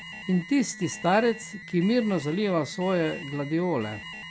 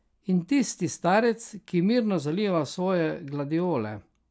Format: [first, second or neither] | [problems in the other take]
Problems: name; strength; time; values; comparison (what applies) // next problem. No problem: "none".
second | background sound (Alarm); 15 dB below the speech